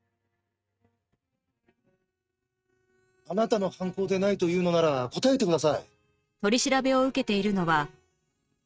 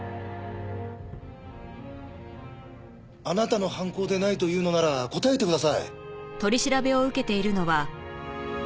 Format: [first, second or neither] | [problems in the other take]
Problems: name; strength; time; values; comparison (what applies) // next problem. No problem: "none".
second | noise reduction (neural mask model RNNoise)